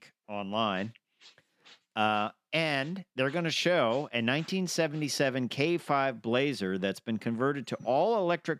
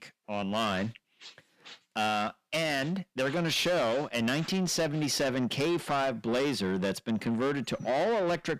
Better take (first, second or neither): first